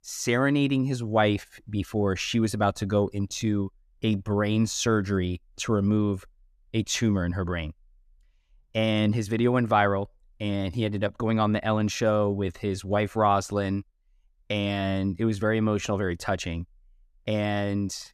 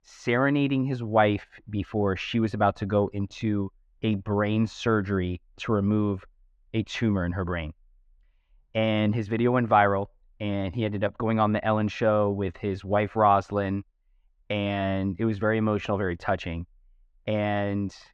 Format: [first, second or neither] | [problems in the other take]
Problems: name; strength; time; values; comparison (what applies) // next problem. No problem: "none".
first | muffled; very; fading above 2.5 kHz